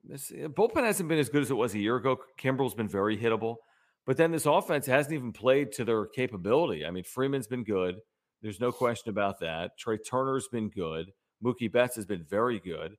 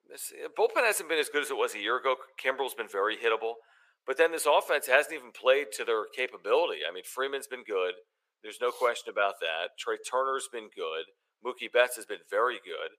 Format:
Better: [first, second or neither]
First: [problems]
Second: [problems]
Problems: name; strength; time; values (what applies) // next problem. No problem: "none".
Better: first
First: none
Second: thin; very; fading below 450 Hz